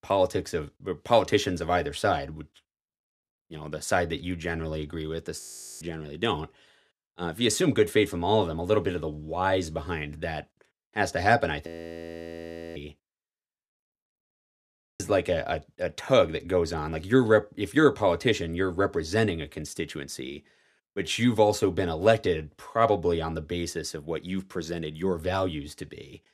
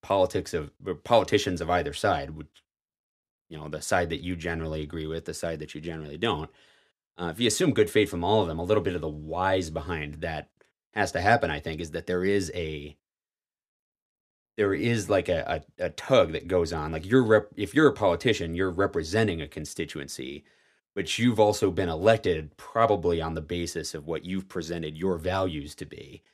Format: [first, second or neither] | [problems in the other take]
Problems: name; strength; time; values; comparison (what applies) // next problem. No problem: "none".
second | audio freezing; at 5.5 s, at 12 s for 1 s and at 14 s for 0.5 s